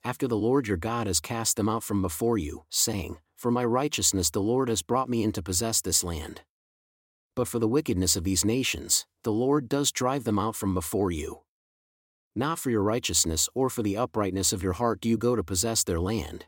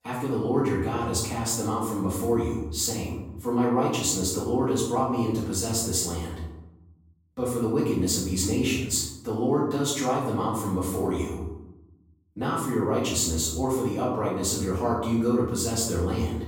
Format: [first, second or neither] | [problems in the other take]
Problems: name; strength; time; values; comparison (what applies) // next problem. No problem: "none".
first | room echo; noticeable; dies away in 0.9 s // off-mic speech; far